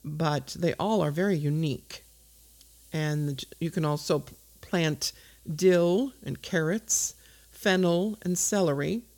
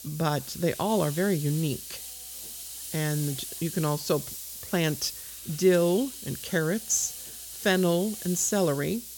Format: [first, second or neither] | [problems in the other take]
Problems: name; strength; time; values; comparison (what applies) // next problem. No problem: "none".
first | hiss; loud; throughout; 10 dB below the speech; faint in the first